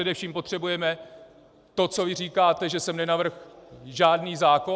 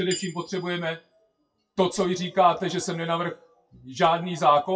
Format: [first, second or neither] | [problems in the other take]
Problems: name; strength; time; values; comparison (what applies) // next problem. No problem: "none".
first | noise reduction (classical method WPE with log-MMSE)